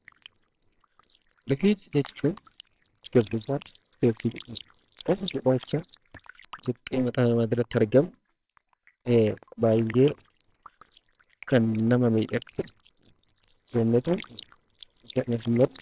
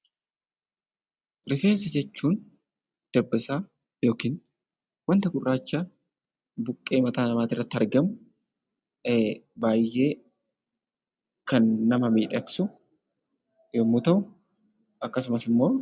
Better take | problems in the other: second | noise reduction (neural separator model SepFormer WHAMR!)

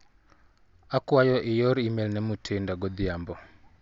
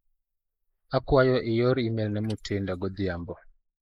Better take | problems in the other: first | noise reduction (neural mask model Resemble Enhance denoiser)

